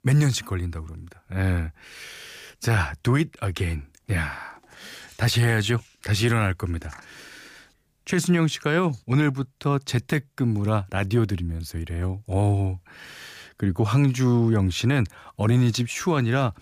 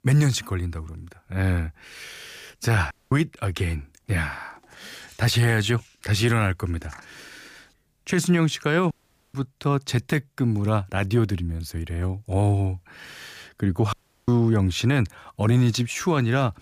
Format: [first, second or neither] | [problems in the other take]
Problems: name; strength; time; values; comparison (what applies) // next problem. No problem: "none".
first | audio cutting out; at 3 s, at 9 s and at 14 s